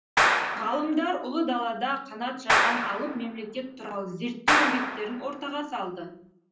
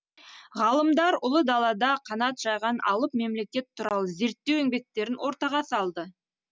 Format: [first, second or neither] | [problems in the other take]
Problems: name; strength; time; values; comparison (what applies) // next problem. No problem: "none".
second | background sound (Clapping); 3 dB above the speech // room echo; dies away in 0.6 s